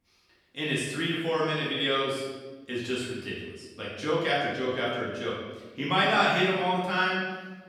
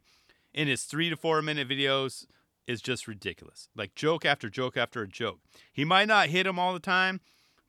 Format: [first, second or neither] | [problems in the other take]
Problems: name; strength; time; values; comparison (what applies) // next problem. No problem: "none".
second | room echo; noticeable; dies away in 1.1 s // off-mic speech; far